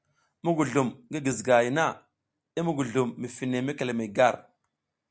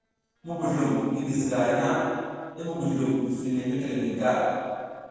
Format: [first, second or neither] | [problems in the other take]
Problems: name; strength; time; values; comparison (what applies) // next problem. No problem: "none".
first | noise reduction (neural separator model SepFormer DNS4)